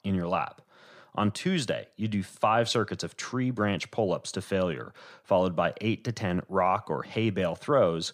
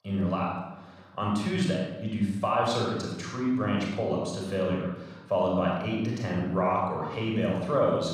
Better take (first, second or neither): first